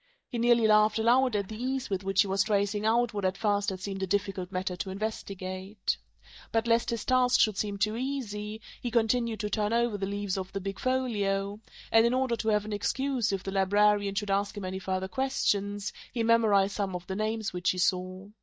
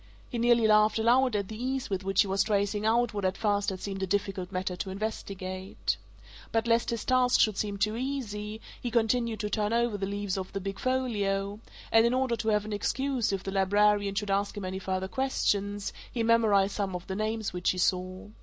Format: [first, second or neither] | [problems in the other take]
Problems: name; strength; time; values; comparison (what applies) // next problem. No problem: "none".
second | noise reduction (neural mask model DeepFilterNet 3)